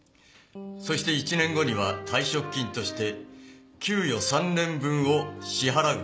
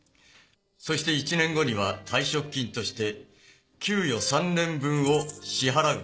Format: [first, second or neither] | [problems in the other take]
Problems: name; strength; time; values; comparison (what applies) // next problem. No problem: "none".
first | noise reduction (neural separator model SepFormer DNS4)